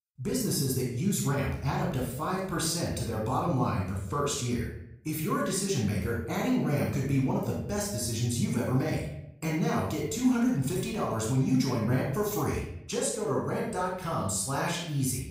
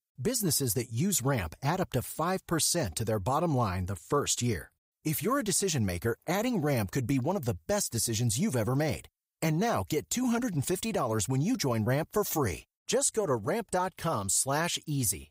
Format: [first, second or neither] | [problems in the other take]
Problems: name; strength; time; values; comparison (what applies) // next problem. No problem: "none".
second | off-mic speech; far // room echo; noticeable; dies away in 0.6 s